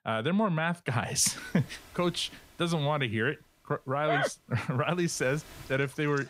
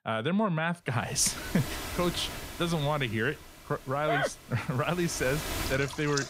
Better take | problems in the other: first | rain or running water; loud; from 1.5 s on; 9 dB below the speech; faint in the first

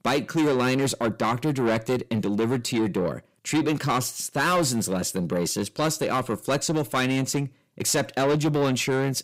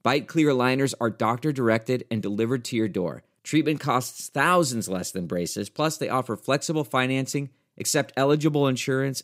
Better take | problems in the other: second | distortion; heavy; 8 dB below the speech

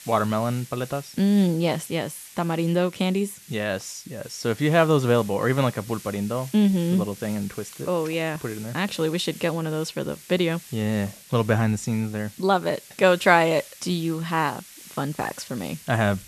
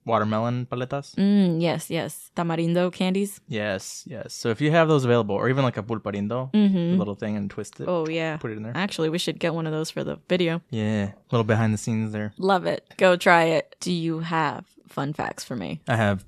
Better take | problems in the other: second | hiss; noticeable; throughout; 20 dB below the speech

